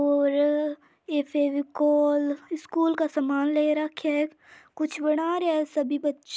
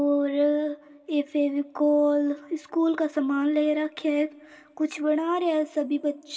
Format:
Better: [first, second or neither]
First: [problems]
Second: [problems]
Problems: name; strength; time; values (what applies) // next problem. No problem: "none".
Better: first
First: none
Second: room echo; dies away in 1.9 s